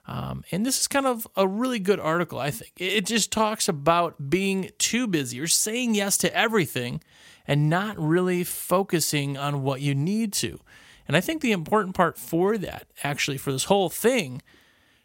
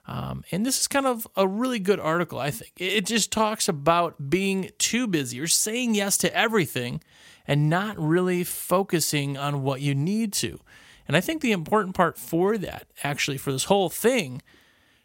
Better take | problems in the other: neither | none

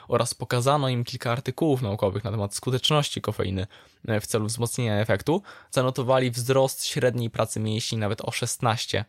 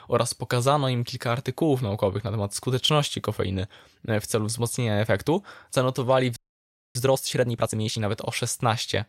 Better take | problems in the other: first | audio freezing; at 6.5 s for 0.5 s

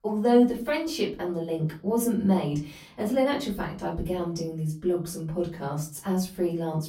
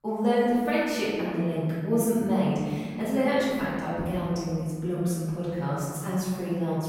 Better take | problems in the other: first | room echo; strong; dies away in 1.8 s; slight in the first // off-mic speech; far; far in the first

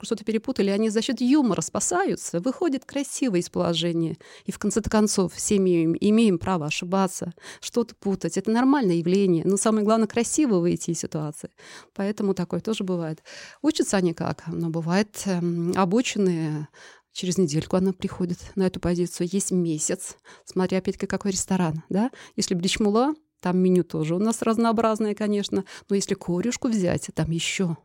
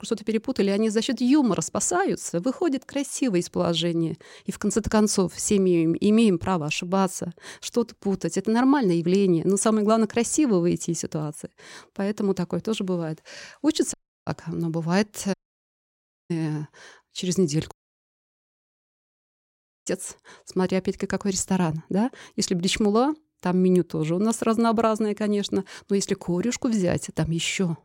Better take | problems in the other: first | audio cutting out; at 14 s, at 15 s for 1 s and at 18 s for 2 s

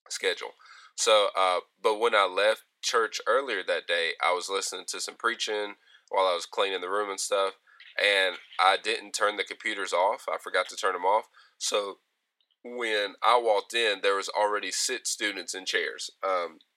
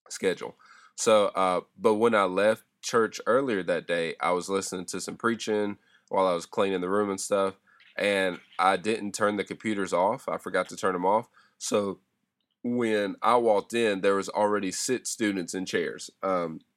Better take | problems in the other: second | thin; very; fading below 500 Hz

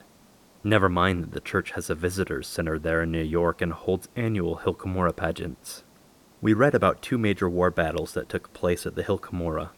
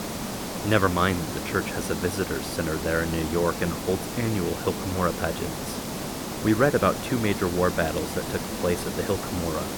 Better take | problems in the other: first | hiss; loud; throughout; 5 dB below the speech; faint in the first

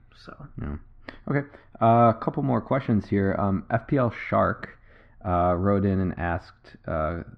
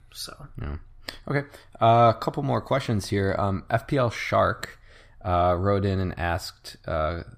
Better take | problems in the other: second | muffled; very; fading above 2 kHz

